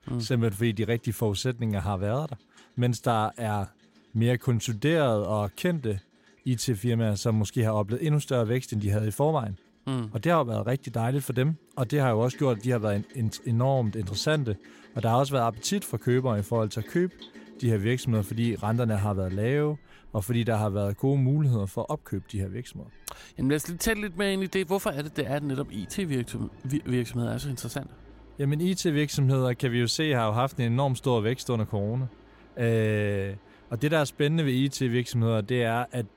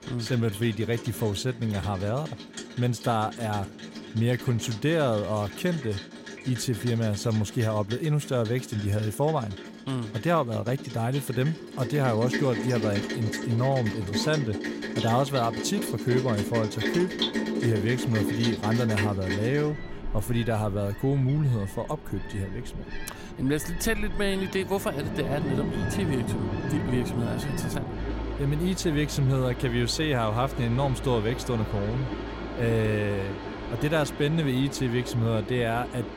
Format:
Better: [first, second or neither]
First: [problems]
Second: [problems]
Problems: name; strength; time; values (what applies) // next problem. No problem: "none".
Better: first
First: rain or running water; faint; throughout; 25 dB below the speech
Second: rain or running water; loud; throughout; 7 dB below the speech